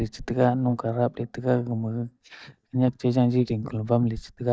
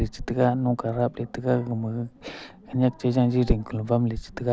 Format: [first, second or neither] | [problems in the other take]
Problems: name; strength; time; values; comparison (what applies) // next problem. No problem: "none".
second | noise reduction (neural mask model DeepFilterNet 3)